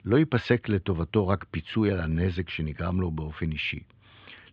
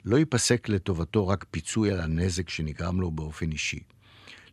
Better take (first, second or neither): second